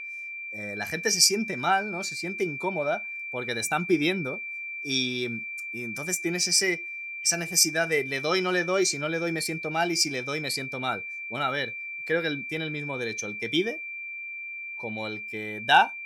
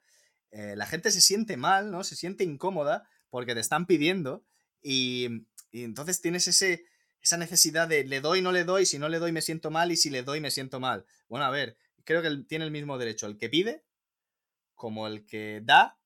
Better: second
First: high-pitched whine; loud; throughout; 2.5 kHz, 7 dB below the speech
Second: none

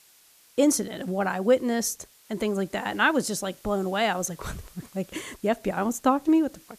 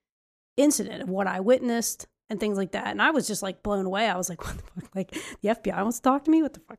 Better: second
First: hiss; faint; throughout; 25 dB below the speech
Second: none

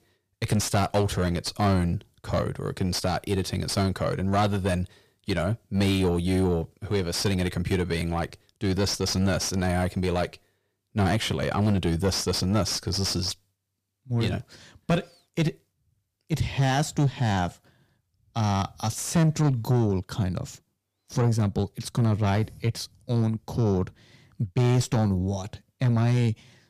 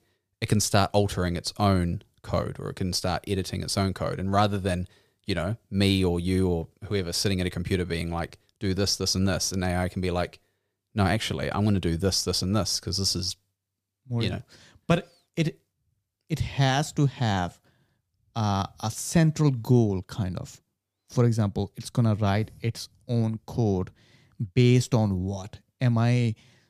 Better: second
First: distortion; slight; 9 dB below the speech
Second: none

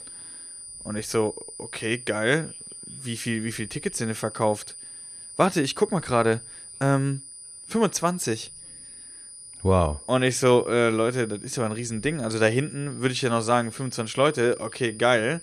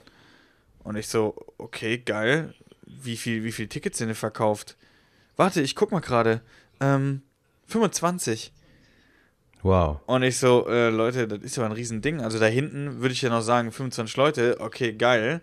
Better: second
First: high-pitched whine; noticeable; throughout; 9.5 kHz, 15 dB below the speech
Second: none

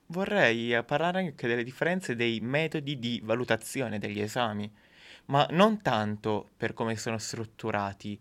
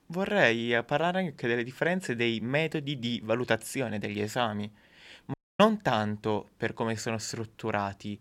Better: first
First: none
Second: audio cutting out; at 5.5 s

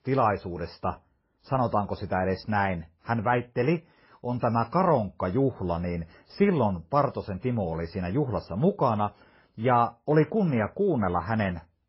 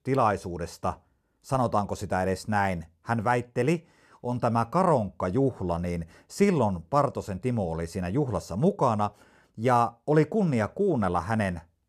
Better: second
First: garbled, watery; badly; nothing above 5.5 kHz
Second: none

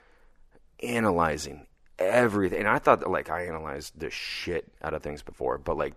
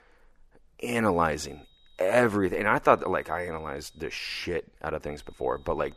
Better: first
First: none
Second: high-pitched whine; faint; from 1 to 2 s, from 3 to 4 s and at 5 s; 4 kHz, 35 dB below the speech

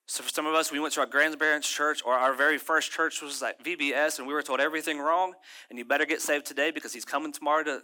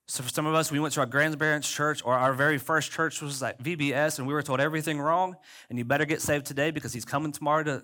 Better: second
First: thin; somewhat; fading below 300 Hz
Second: none

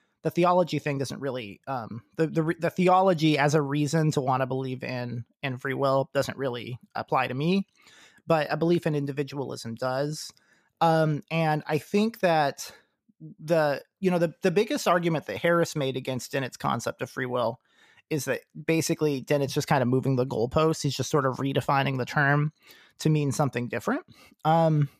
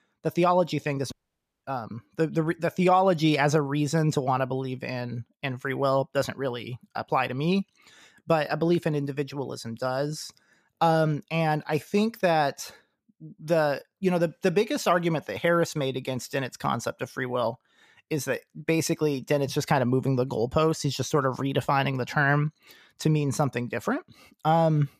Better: first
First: none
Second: audio cutting out; at 1 s for 0.5 s

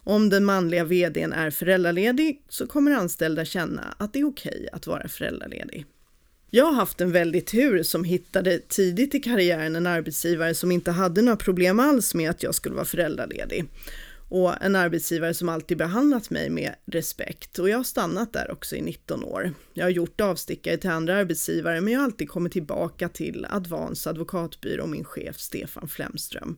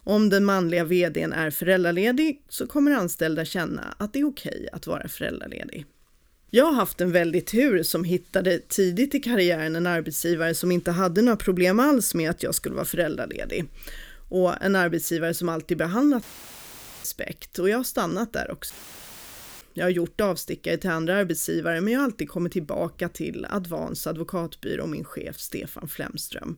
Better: first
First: none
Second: audio cutting out; filled with static; at 16 s for 1 s and at 19 s for 1 s

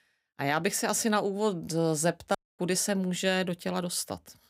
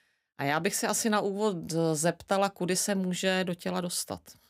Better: second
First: audio cutting out; at 2.5 s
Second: none

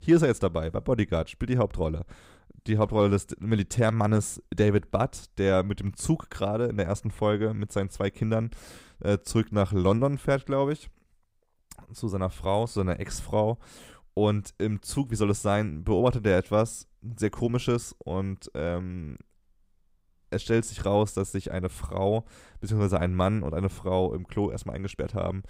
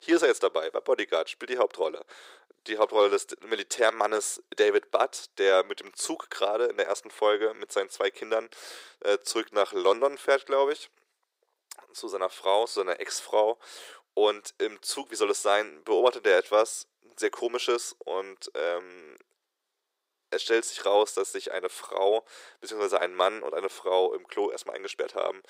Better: first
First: none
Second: thin; very; fading below 400 Hz

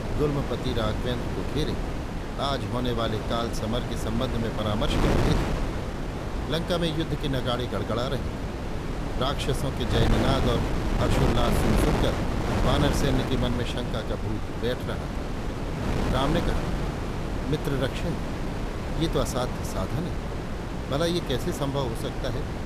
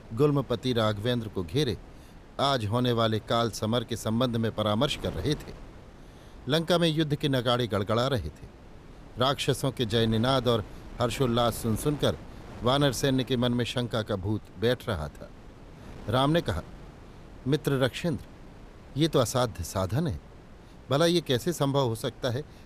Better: second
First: wind noise on the microphone; heavy; 2 dB below the speech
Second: wind noise on the microphone; occasional gusts; 20 dB below the speech

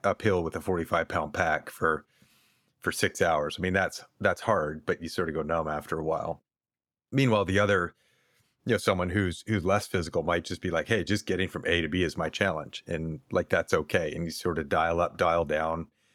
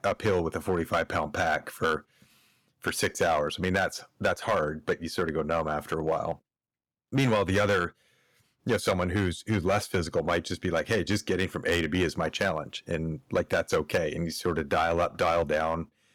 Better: first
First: none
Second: distortion; slight; 4% of the sound clipped

